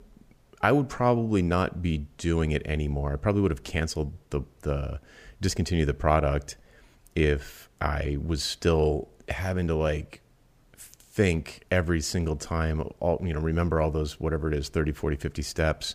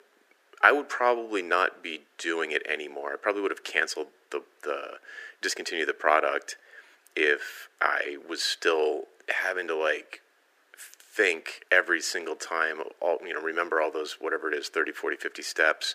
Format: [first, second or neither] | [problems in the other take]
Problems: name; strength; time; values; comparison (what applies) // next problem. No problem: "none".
first | thin; very; fading below 350 Hz